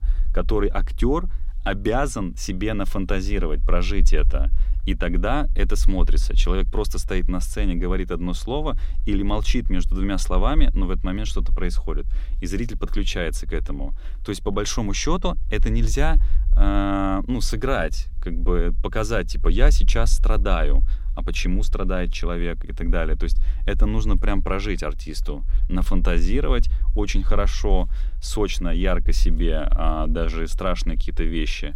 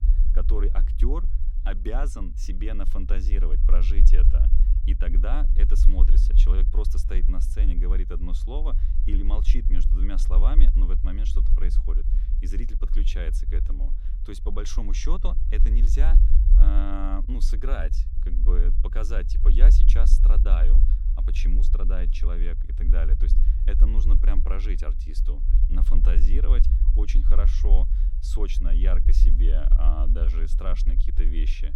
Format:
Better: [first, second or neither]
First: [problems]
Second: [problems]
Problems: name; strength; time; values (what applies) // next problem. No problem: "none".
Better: first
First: low rumble; faint; throughout; 25 dB below the speech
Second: low rumble; loud; throughout; 7 dB below the speech